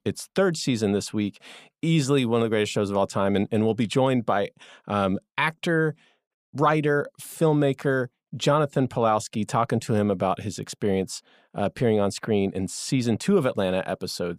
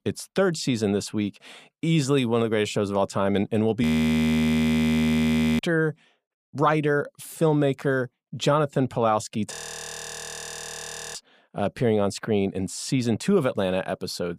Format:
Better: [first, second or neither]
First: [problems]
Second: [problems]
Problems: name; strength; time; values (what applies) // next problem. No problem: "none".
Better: first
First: none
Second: audio freezing; at 4 s for 2 s and at 9.5 s for 1.5 s